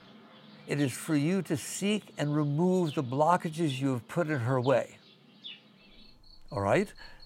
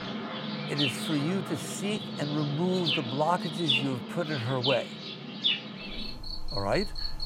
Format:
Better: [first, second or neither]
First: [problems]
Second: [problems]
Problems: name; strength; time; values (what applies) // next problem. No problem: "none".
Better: first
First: animal sounds; faint; throughout; 20 dB below the speech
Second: animal sounds; loud; throughout; 1 dB below the speech